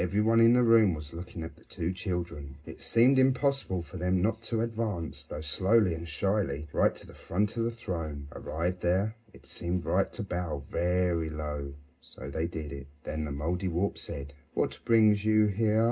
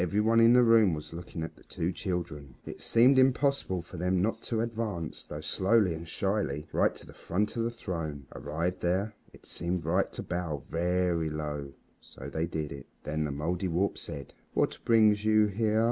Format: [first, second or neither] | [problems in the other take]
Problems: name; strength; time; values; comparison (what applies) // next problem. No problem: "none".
second | room echo; dies away in 0.2 s